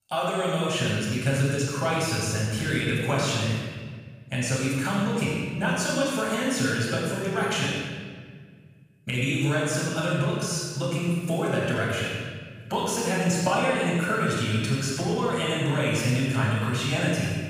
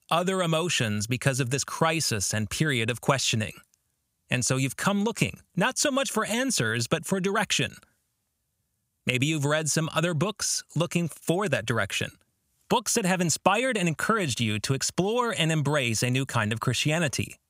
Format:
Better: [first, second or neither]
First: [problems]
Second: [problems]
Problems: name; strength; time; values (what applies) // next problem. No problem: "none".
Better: second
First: off-mic speech; far // room echo; strong; dies away in 1.6 s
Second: none